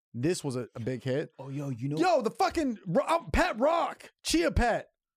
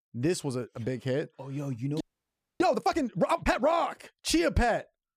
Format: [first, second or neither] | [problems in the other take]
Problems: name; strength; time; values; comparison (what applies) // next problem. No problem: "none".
first | audio freezing; at 2 s for 0.5 s